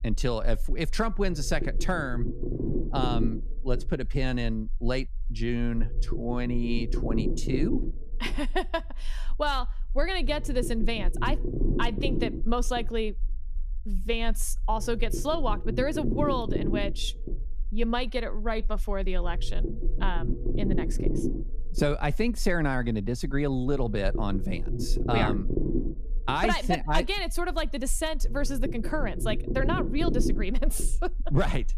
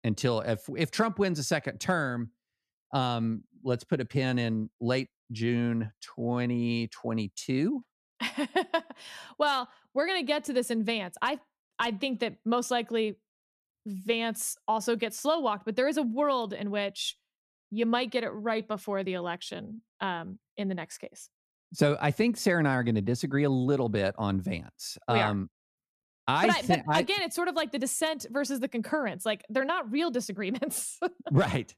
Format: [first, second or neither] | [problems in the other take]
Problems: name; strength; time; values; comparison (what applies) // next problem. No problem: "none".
second | low rumble; loud; throughout; 8 dB below the speech